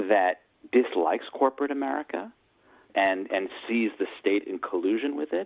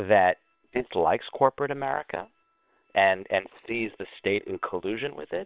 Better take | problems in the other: first | noise reduction (neural separator model SepFormer WHAM!)

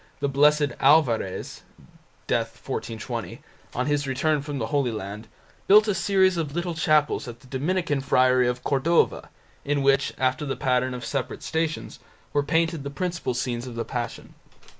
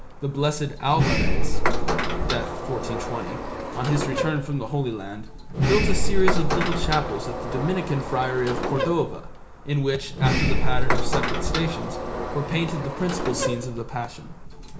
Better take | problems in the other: first | background sound (Sliding door); 4 dB above the speech // room echo; dies away in 0.4 s

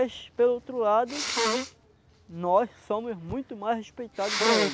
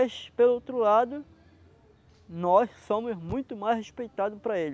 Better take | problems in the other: second | background sound (Sneeze); 3 dB below the speech

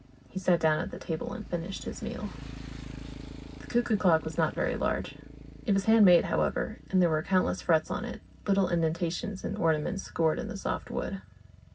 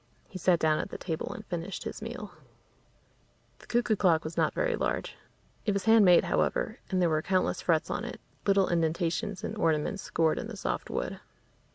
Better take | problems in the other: second | background sound (Motorcycle); 17 dB below the speech // room echo; dies away in 0.4 s

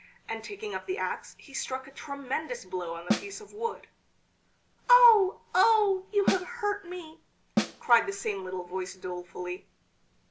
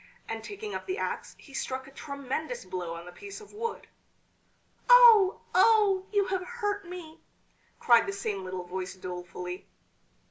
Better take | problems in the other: second | background sound (Snare drum); 1 dB below the speech

